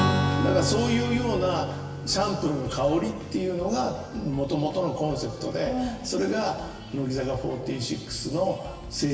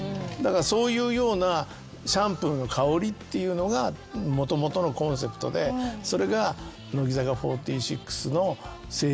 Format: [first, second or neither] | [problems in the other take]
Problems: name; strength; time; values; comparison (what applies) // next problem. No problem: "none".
second | background sound (Strum); 6 dB below the speech // room echo; dies away in 1.4 s